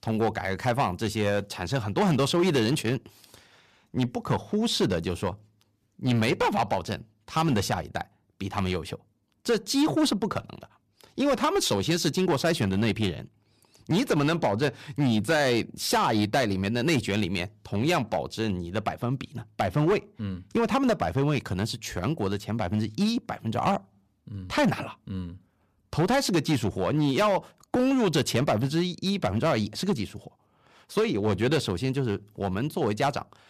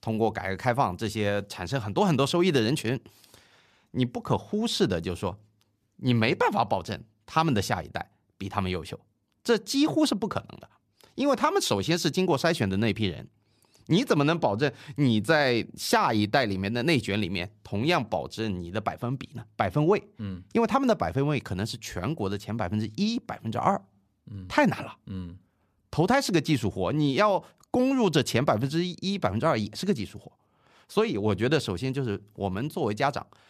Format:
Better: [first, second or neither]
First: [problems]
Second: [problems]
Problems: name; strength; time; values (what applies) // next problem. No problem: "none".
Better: second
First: distortion; slight; 6% of the sound clipped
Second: none